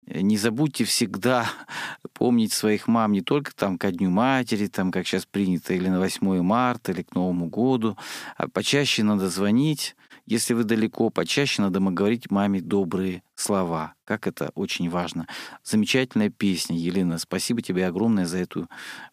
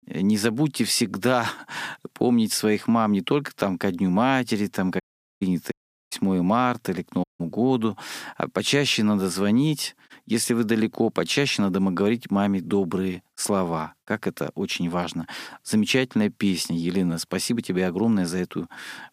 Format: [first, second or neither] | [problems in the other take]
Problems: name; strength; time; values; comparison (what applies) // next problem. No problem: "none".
first | audio cutting out; at 5 s, at 5.5 s and at 7 s